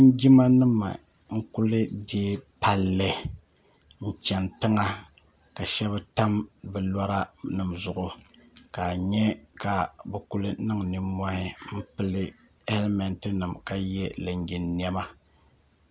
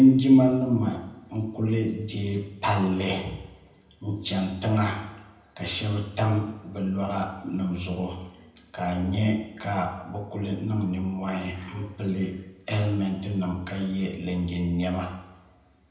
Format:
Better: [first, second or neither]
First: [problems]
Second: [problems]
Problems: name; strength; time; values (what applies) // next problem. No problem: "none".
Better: first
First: none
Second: room echo; dies away in 0.8 s